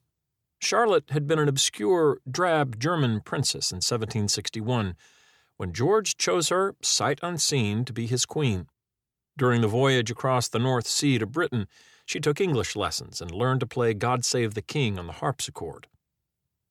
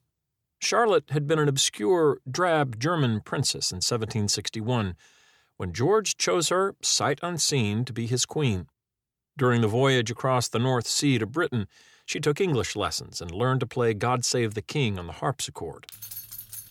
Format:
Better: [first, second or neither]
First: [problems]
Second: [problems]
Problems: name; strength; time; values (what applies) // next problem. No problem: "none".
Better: first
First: none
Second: jangling keys; faint; at 16 s; peak 10 dB below the speech